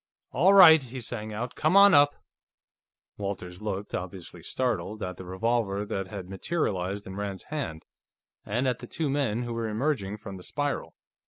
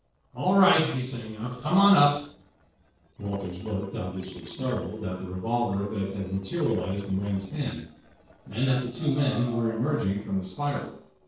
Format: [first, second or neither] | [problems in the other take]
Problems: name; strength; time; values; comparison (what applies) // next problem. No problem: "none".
first | noise reduction (neural separator model SepFormer DNS4)